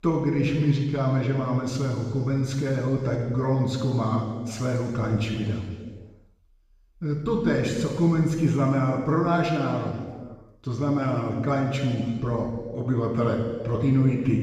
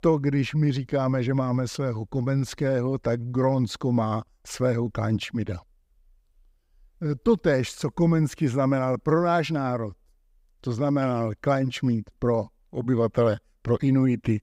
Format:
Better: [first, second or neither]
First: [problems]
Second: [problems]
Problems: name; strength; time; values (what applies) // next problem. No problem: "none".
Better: second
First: room echo; noticeable; dies away in 1.5 s // off-mic speech; far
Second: none